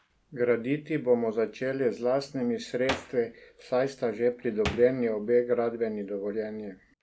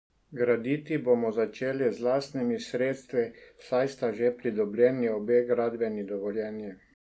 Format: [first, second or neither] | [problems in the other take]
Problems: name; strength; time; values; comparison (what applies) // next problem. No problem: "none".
second | background sound (Hands); 16 dB below the speech